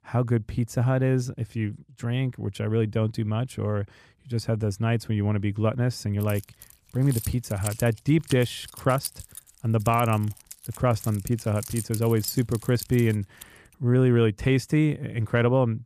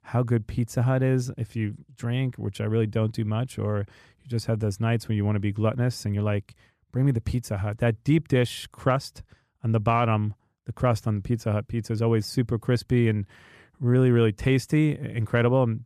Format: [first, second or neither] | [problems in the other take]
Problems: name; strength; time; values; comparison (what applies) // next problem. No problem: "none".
second | jangling keys; noticeable; from 6 to 13 s; peak 7 dB below the speech